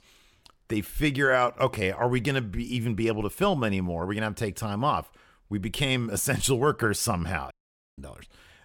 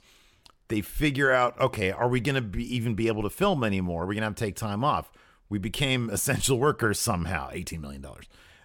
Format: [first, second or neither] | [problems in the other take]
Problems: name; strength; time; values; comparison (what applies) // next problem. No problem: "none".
second | audio cutting out; at 7.5 s